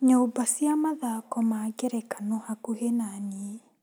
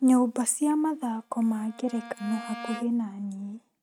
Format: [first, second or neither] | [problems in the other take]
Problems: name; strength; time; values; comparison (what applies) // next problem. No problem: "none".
first | noise reduction (neural mask model RNNoise)